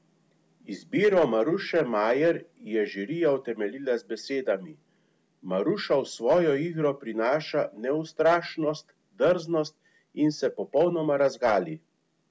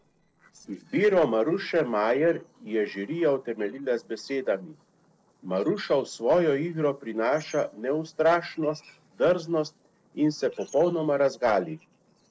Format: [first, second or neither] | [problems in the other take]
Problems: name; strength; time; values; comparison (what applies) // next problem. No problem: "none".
first | noise reduction (neural separator model SepFormer DNS4)